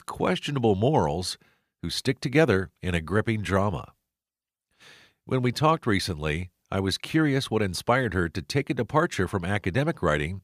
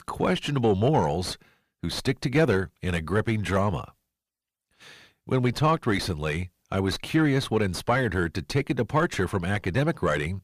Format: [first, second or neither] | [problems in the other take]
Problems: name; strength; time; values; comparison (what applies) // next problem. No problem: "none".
first | distortion; slight; 10 dB below the speech